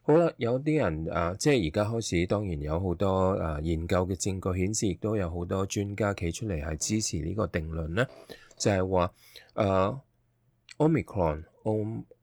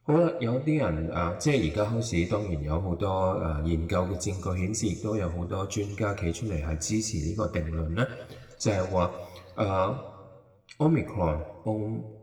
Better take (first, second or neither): first